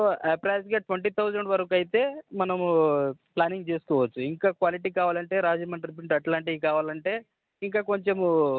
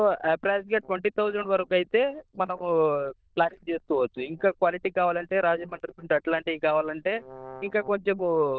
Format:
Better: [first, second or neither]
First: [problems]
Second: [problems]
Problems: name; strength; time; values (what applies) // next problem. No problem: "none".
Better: first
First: none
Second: noise reduction (neural diffusion model UNIVERSE++)